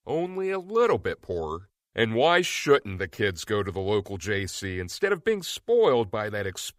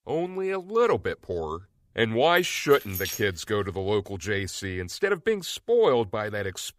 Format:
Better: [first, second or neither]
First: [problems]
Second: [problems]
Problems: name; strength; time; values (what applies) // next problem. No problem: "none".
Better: first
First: none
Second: jangling keys; noticeable; at 2.5 s; peak 6 dB below the speech